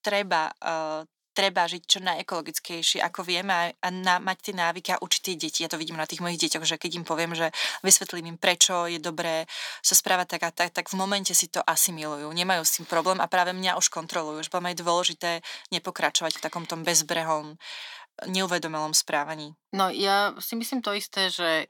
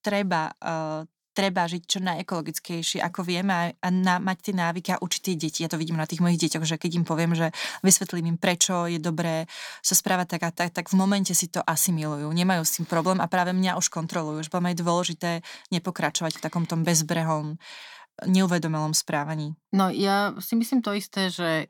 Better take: second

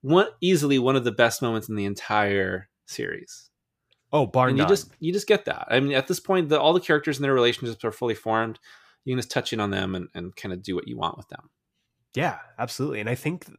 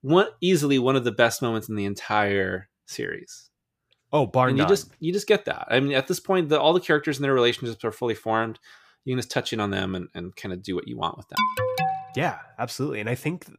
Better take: first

